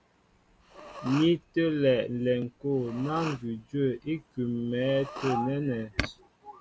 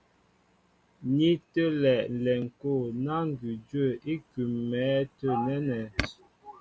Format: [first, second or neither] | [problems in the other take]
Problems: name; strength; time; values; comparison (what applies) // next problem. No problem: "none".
second | background sound (Respiratory sounds); 16 dB below the speech